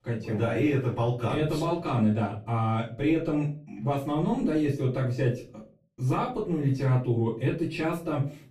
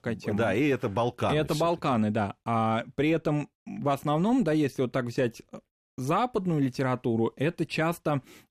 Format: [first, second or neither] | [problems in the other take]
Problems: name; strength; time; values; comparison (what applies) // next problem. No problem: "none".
second | room echo; slight; dies away in 0.3 s // off-mic speech; far